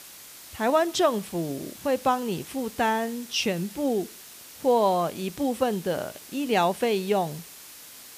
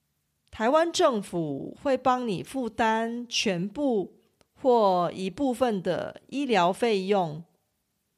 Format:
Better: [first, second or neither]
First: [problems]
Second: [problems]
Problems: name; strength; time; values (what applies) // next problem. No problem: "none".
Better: second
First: hiss; noticeable; throughout; 15 dB below the speech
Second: none